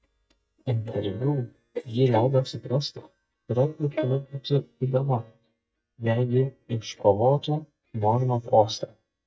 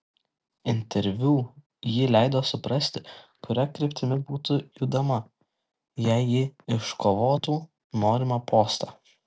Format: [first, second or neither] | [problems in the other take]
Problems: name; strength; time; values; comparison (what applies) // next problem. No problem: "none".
second | noise reduction (neural mask model DeepFilterNet 3)